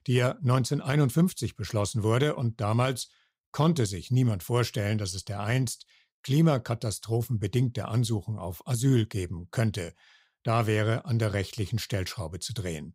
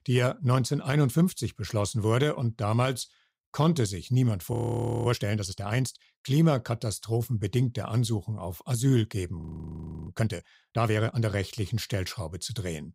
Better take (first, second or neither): first